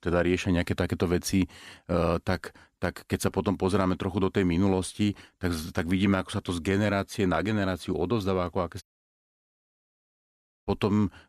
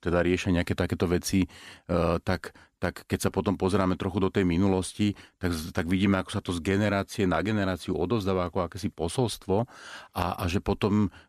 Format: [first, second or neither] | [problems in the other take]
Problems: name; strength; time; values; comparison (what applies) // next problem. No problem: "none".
second | audio cutting out; at 9 s for 2 s